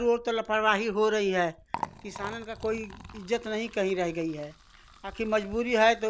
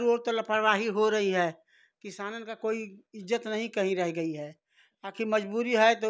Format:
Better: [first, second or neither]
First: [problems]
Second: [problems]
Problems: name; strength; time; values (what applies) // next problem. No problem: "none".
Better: second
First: background sound (Liquid); 16 dB below the speech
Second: none